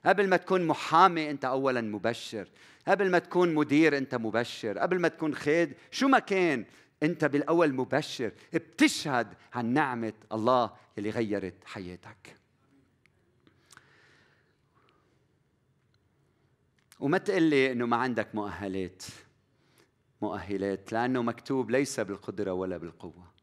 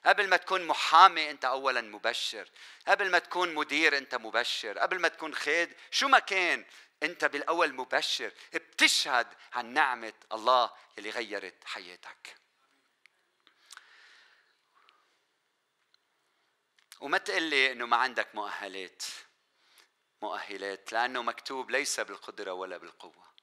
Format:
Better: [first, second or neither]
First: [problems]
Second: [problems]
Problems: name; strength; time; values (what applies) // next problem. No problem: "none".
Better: first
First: none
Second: thin; very; fading below 800 Hz